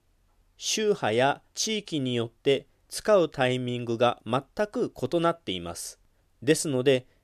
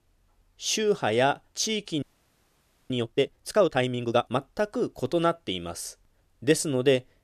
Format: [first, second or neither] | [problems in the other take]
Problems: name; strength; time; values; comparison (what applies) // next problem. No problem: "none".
first | audio freezing; at 2 s for 1 s